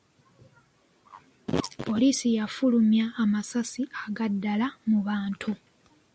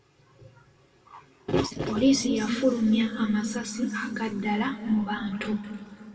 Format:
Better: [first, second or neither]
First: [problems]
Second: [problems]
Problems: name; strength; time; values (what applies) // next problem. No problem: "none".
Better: first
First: none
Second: room echo; dies away in 2.5 s